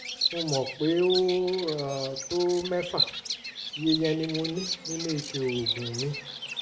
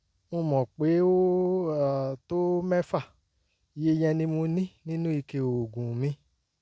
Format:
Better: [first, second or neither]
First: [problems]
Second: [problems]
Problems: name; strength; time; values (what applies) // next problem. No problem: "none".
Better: second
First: background sound (Bird vocalization, bird call, bird song); 5 dB below the speech // room echo; dies away in 0.4 s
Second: none